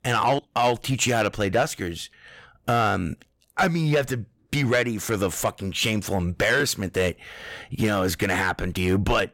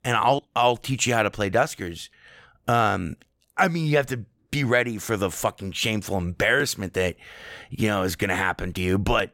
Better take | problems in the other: second | distortion; slight; 10 dB below the speech

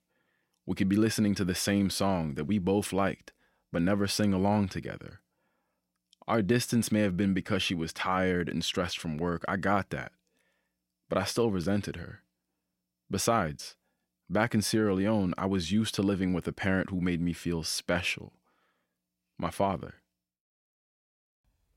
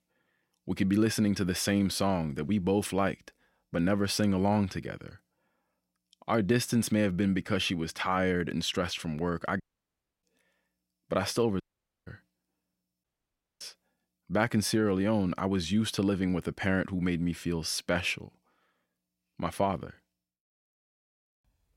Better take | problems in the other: first | audio cutting out; at 9.5 s for 0.5 s, at 12 s and at 13 s for 0.5 s

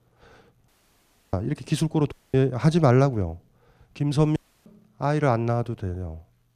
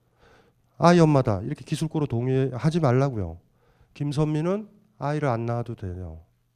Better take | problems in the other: second | audio cutting out; at 0.5 s for 0.5 s, at 2 s and at 4.5 s

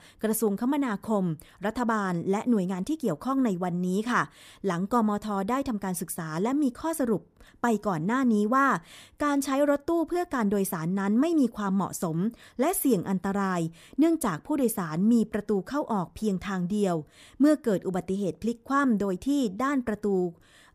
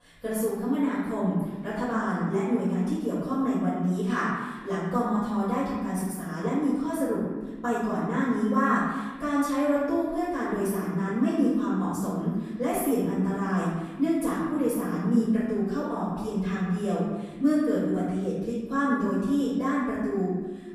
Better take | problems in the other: first | off-mic speech; far // room echo; strong; dies away in 1.3 s

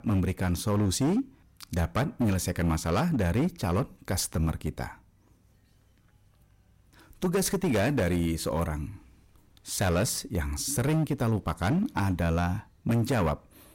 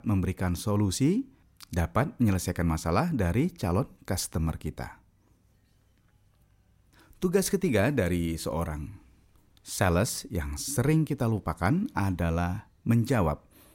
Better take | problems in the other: second | distortion; slight; 10% of the sound clipped

